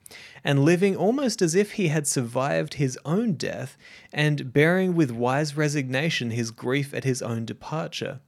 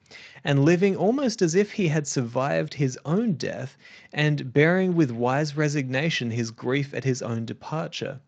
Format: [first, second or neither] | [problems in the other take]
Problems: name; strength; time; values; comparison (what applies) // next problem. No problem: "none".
first | garbled, watery; slightly; nothing above 7.5 kHz